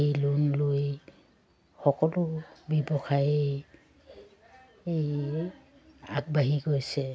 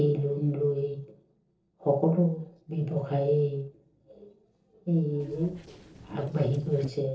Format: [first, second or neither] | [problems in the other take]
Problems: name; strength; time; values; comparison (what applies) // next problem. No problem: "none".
first | noise reduction (neural separator model SepFormer DNS4)